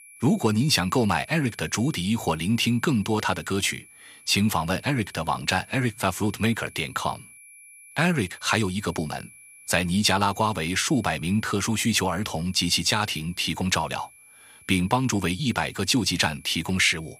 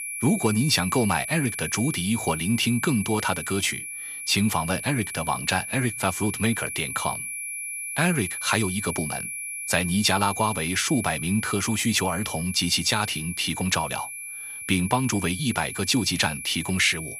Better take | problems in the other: first | high-pitched whine; loud; throughout; 2.5 kHz, 7 dB below the speech; faint in the first

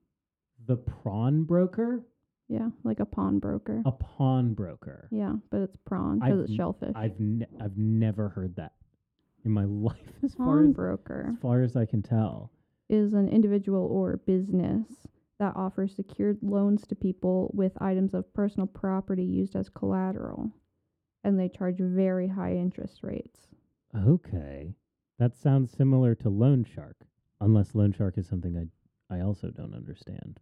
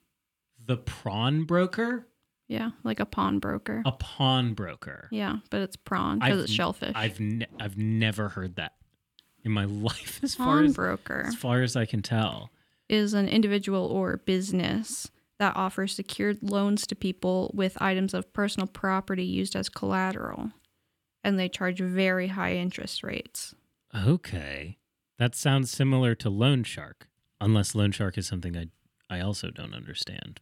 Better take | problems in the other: second | muffled; very; fading above 1.5 kHz

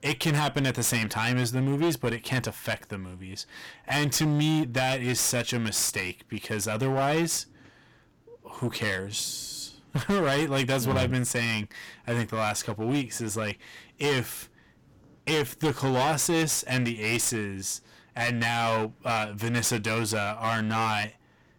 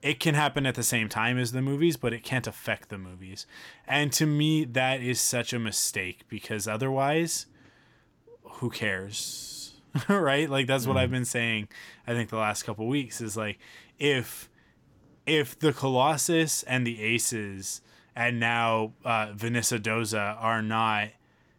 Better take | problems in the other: second | distortion; heavy; 12% of the sound clipped

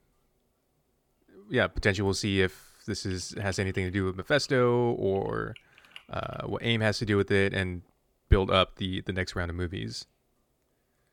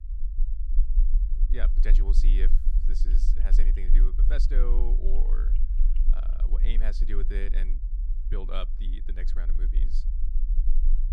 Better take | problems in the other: first | low rumble; loud; throughout; 10 dB below the speech

